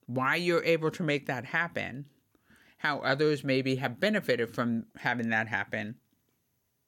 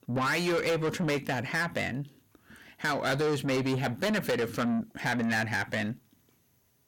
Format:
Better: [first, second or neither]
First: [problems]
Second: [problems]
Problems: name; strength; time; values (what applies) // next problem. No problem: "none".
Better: first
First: none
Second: distortion; heavy; 7 dB below the speech